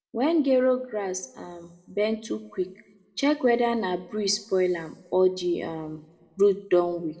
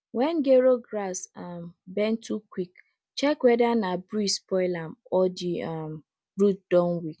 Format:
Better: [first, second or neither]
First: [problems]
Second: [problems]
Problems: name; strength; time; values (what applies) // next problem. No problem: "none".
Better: second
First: room echo; dies away in 1.2 s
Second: none